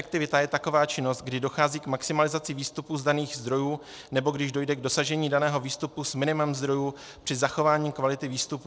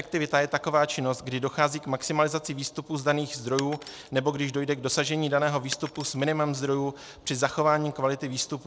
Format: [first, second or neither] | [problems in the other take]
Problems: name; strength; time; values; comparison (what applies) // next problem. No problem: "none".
first | background sound (Shatter); 18 dB below the speech